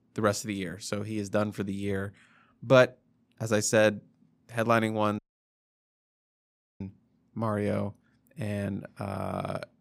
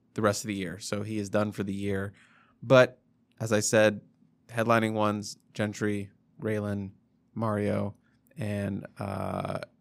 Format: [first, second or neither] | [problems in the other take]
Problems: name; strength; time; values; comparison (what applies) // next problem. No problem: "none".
second | audio cutting out; at 5 s for 1.5 s